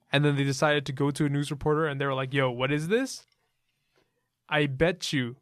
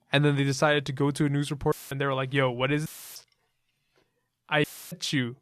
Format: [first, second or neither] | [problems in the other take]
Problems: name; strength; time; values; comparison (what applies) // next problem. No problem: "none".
first | audio cutting out; filled with static; at 1.5 s, at 3 s and at 4.5 s